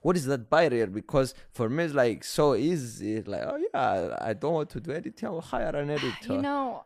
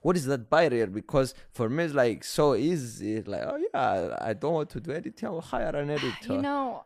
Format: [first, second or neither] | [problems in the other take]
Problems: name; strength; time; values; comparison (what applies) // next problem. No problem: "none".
neither | none